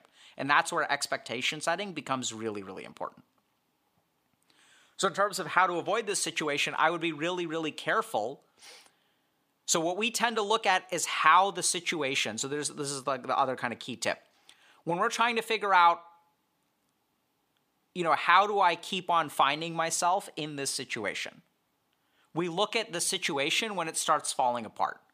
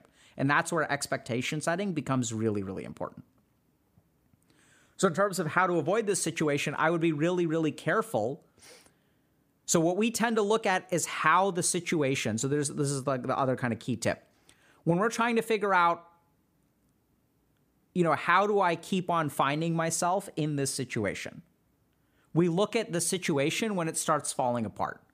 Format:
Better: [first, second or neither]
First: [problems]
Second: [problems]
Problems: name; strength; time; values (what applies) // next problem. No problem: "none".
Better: second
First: thin; somewhat; fading below 850 Hz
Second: none